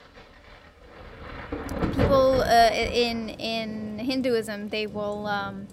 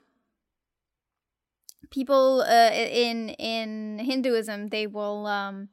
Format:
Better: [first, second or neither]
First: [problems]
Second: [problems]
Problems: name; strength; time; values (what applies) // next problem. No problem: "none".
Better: second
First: rain or running water; loud; throughout; 9 dB below the speech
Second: none